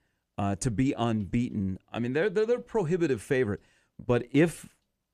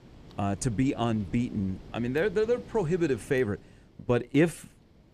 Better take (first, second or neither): first